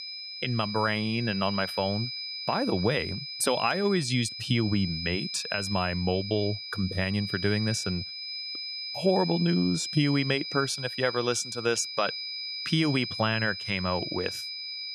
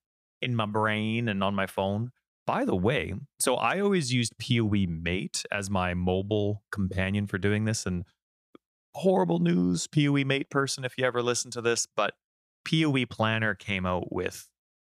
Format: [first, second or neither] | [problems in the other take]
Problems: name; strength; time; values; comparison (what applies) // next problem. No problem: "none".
second | high-pitched whine; loud; throughout; 5 kHz, 6 dB below the speech